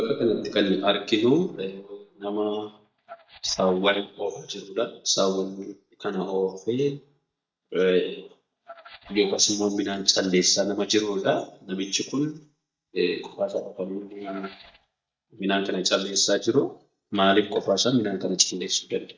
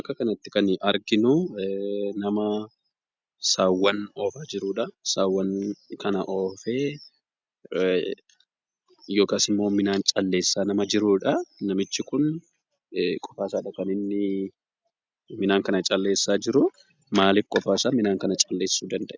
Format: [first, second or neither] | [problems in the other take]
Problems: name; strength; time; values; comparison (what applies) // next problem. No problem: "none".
second | noise reduction (neural mask model DeepFilterNet 3)